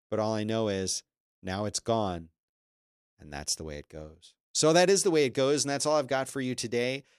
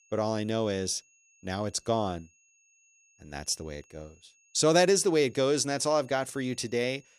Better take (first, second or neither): first